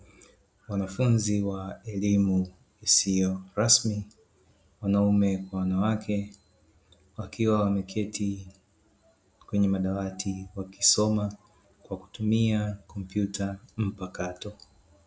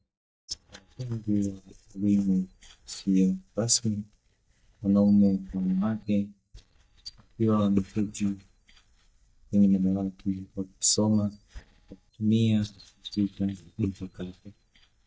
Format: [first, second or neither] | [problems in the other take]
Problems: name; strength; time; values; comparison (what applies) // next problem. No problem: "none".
first | noise reduction (neural mask model DeepFilterNet 3)